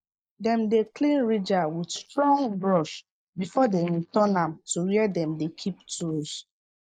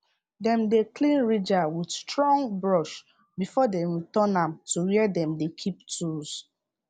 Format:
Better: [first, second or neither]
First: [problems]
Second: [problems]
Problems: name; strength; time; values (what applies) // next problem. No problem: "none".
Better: second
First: noise reduction (neural mask model Resemble Enhance denoiser)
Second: none